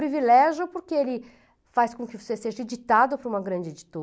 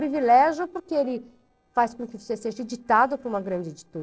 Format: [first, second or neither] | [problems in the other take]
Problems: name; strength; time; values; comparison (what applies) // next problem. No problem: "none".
first | noise reduction (neural separator model SepFormer DNS4)